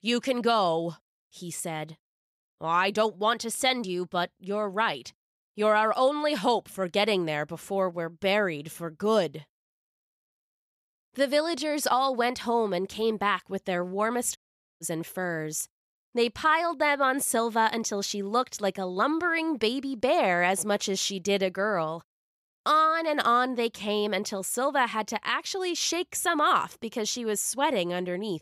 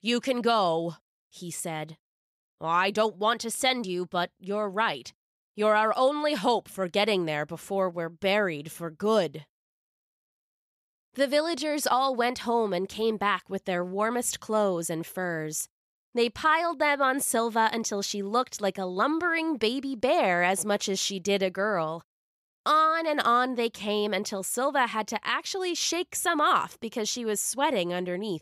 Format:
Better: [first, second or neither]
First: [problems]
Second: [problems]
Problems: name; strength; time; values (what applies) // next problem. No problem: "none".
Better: second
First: audio cutting out; at 14 s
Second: none